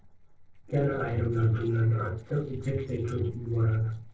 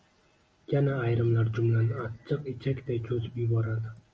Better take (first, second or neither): second